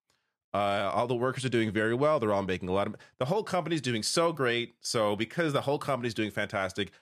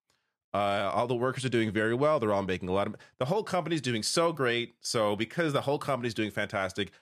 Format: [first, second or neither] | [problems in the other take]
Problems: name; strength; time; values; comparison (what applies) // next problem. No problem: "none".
neither | none